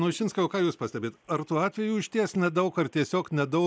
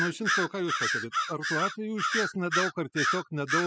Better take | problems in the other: first | noise reduction (classical method spectral subtraction)

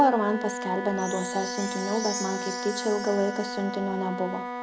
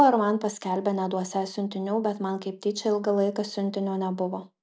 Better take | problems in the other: second | background sound (Wind instrument, woodwind instrument + Chime); 5 dB below the speech

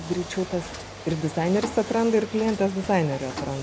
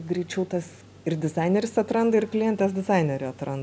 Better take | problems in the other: second | background sound (Train + Mechanisms); 12 dB below the speech

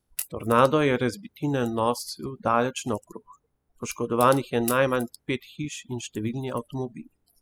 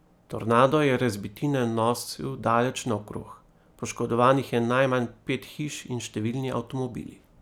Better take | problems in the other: second | noise reduction (classical method spectral subtraction)

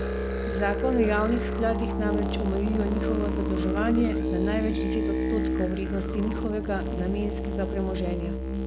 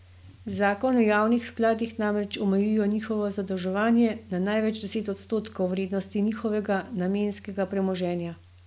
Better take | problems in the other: second | background sound (Musical instrument); 2 dB above the speech

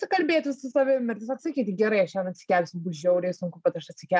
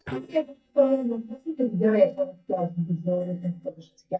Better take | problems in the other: first | noise reduction (neural mask model DeepFilterNet 3)

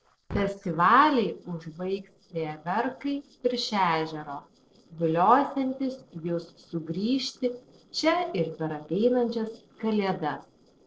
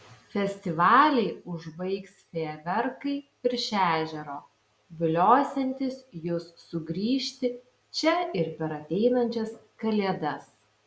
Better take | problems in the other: second | noise reduction (neural separator model SepFormer DNS4)

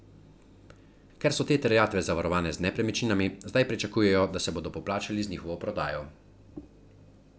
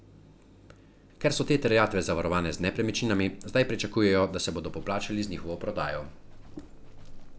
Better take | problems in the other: first | background sound (Livestock, farm animals, working animals); 12 dB below the speech

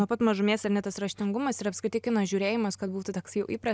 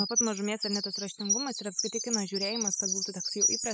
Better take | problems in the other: first | noise reduction (classical method spectral subtraction)

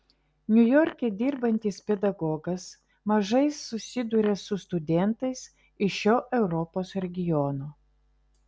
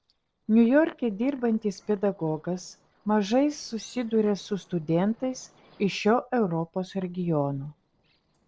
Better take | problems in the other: first | noise reduction (neural separator model SepFormer DNS4)

